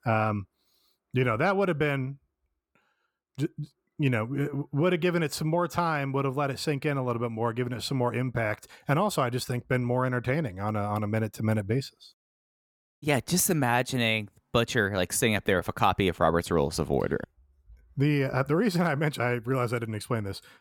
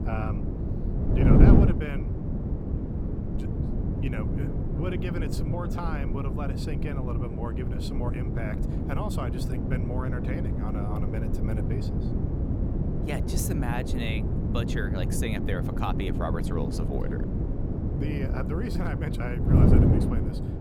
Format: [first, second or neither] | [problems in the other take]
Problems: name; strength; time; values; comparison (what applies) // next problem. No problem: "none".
first | wind noise on the microphone; heavy; 1 dB above the speech